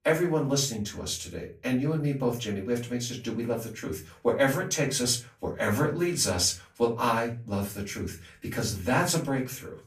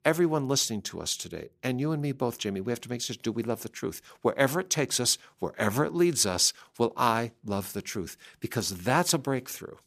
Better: second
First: off-mic speech; far // room echo; very slight; dies away in 0.3 s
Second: none

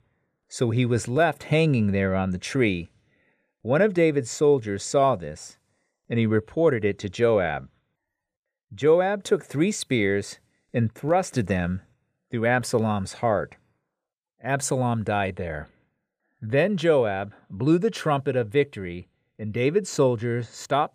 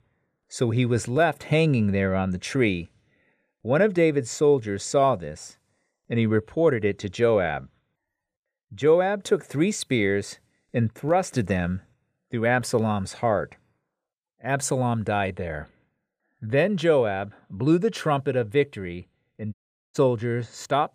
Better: first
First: none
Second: audio cutting out; at 20 s

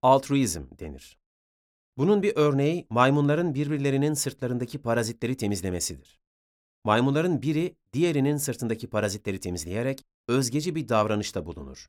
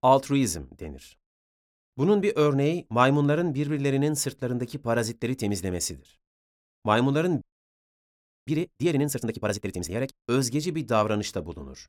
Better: first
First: none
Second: audio freezing; at 7.5 s for 1 s

